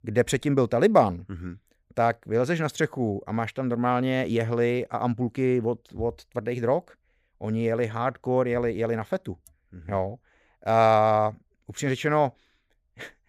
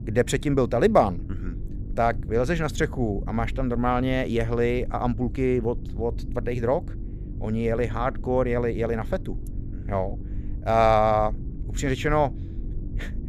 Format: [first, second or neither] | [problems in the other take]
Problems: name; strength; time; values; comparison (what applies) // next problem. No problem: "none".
first | low rumble; faint; throughout; 20 dB below the speech